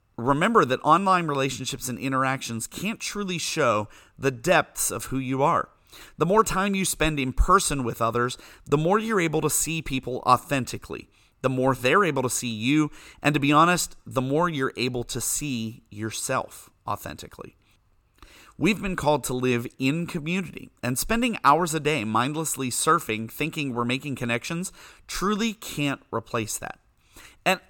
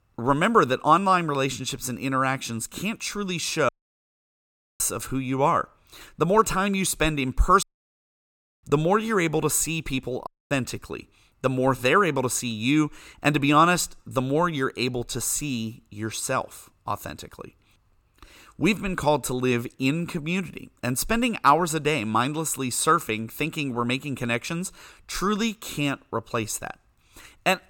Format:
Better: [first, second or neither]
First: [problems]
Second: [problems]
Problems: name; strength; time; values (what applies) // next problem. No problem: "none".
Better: first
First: none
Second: audio cutting out; at 3.5 s for 1 s, at 7.5 s for 1 s and at 10 s